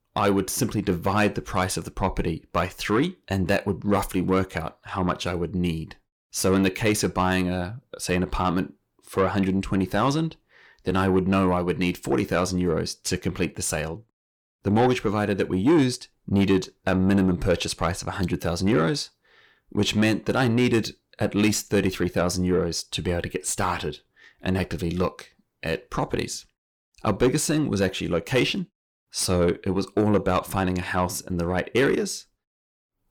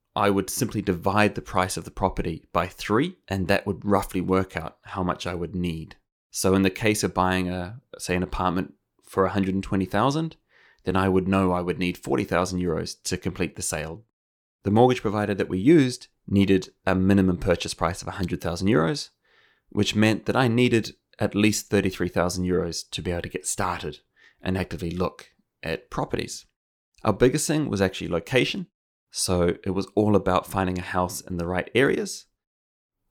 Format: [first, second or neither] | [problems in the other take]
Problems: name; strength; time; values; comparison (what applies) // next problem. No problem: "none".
second | distortion; slight; 10 dB below the speech